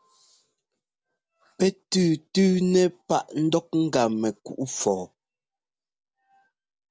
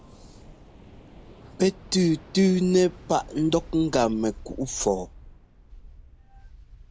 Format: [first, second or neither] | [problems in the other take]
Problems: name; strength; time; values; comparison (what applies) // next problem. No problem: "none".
first | background sound (Waves, surf); 18 dB below the speech